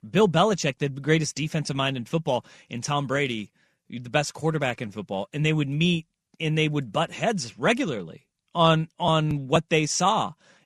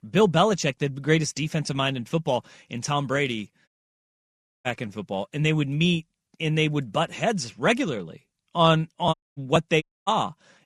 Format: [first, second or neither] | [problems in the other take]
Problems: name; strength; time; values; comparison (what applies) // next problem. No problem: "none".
first | audio cutting out; at 3.5 s for 1 s, at 9 s and at 10 s